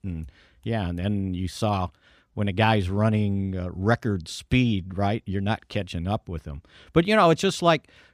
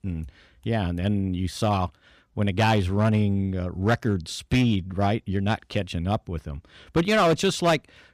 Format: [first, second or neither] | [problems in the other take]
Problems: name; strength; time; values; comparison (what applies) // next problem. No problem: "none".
first | distortion; slight; 4% of the sound clipped